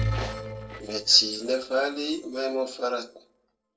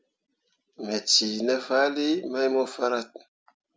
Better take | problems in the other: second | noise reduction (neural separator model SepFormer DNS4)

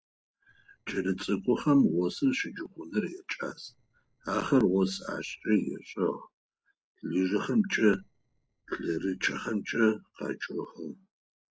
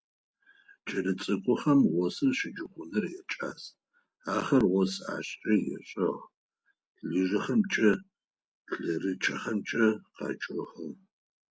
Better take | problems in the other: second | noise reduction (neural separator model SepFormer DNS4)

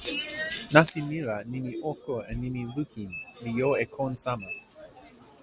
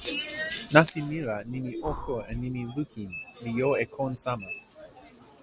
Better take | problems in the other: first | background sound (Breathing); 14 dB below the speech

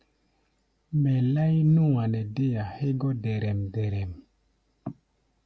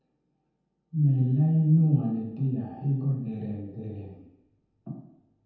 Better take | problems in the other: first | room echo; dies away in 0.9 s

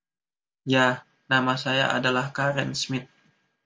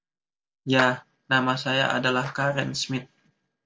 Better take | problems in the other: first | noise reduction (neural separator model SepFormer DNS4)

